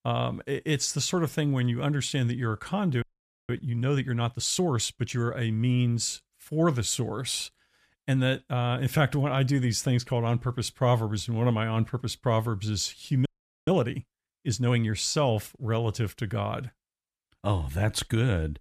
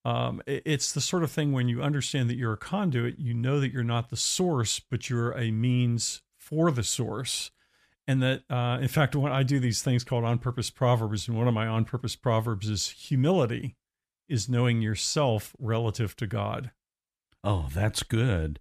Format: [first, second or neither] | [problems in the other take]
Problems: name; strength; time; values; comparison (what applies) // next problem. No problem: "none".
second | audio freezing; at 3 s and at 13 s